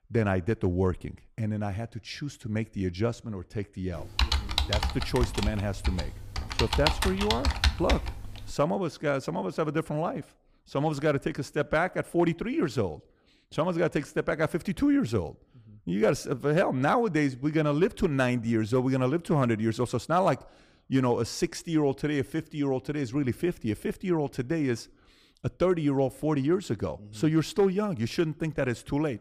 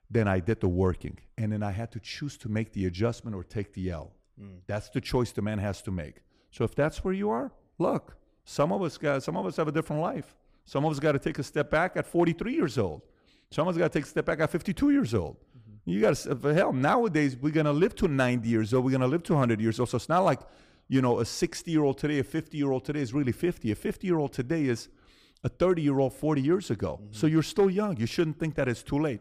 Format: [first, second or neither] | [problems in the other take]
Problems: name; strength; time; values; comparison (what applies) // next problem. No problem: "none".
second | keyboard typing; loud; from 4 to 8.5 s; peak 2 dB above the speech